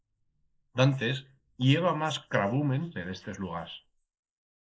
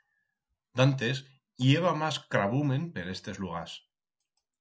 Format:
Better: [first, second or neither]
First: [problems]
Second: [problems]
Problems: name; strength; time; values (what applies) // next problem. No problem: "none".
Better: second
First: noise reduction (neural mask model Resemble Enhance denoiser)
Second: none